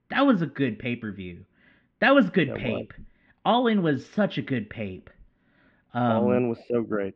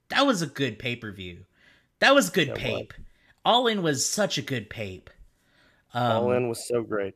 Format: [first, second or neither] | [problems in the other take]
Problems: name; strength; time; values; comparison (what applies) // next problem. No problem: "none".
second | muffled; very; fading above 3 kHz